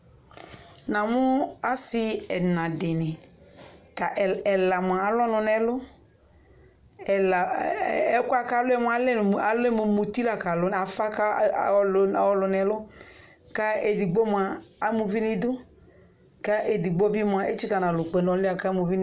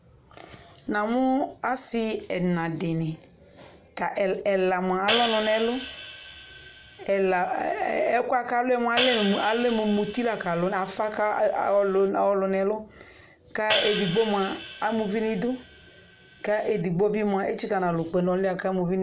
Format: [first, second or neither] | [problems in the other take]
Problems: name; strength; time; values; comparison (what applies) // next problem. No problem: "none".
first | background sound (Hi-hat); 8 dB below the speech